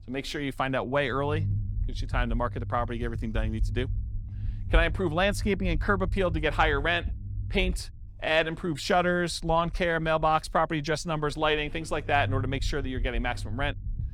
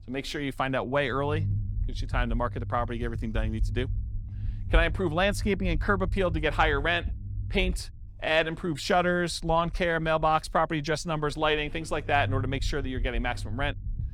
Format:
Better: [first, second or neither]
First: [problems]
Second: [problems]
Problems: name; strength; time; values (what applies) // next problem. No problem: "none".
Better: neither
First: low rumble; faint; throughout; 25 dB below the speech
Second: low rumble; faint; throughout; 25 dB below the speech